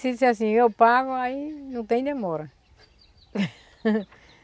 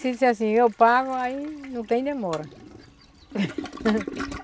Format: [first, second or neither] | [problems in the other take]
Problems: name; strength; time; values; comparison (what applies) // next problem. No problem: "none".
first | background sound (Toilet flush); 14 dB below the speech